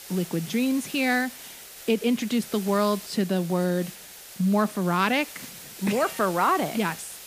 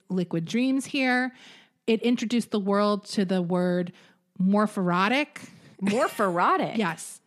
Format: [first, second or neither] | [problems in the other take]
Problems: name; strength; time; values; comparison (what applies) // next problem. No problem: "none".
second | hiss; noticeable; throughout; 15 dB below the speech